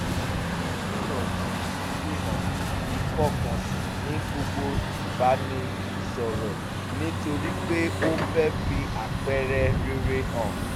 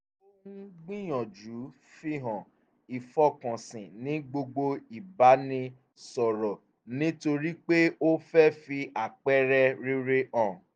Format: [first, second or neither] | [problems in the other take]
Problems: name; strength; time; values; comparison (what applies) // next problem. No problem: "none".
second | background sound (Truck); 3 dB above the speech